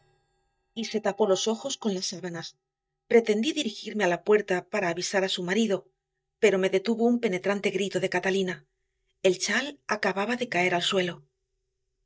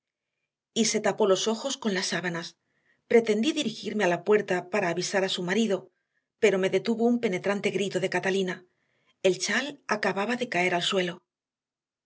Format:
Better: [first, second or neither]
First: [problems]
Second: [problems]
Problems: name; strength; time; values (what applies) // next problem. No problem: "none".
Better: second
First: noise reduction (neural mask model DeepFilterNet 3)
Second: none